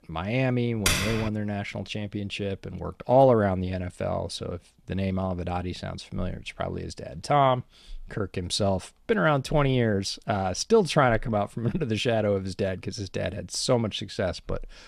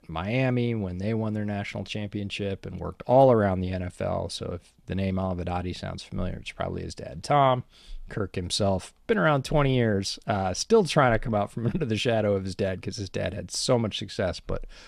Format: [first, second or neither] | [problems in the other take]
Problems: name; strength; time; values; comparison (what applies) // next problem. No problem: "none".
second | keyboard typing; loud; at 1 s; peak 2 dB above the speech